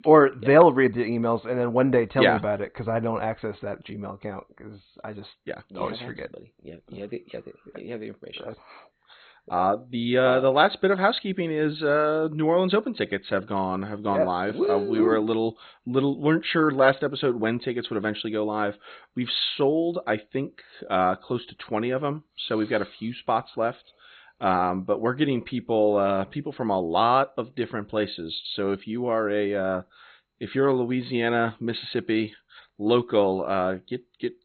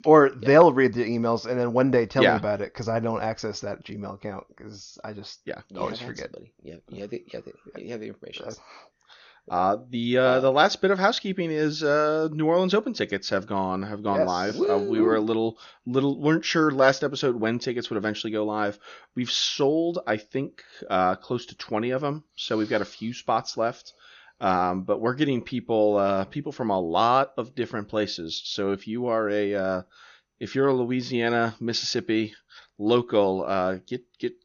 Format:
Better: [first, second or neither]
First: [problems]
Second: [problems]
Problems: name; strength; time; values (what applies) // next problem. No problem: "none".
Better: second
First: garbled, watery; badly; nothing above 4 kHz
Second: garbled, watery; slightly; nothing above 6.5 kHz